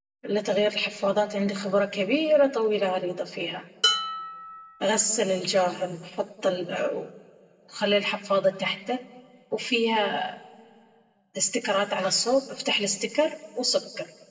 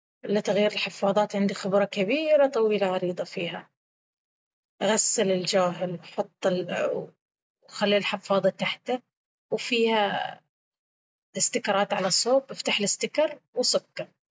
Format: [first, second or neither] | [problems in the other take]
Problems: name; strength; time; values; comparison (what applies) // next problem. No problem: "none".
second | background sound (Dishes, pots, and pans); 7 dB below the speech // room echo; dies away in 1.1 s